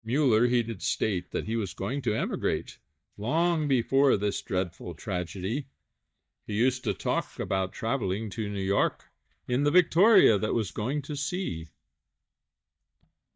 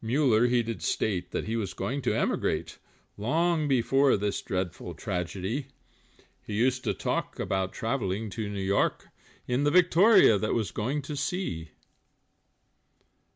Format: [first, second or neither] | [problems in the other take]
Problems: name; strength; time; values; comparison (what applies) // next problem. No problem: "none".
second | noise reduction (neural mask model DeepFilterNet 3)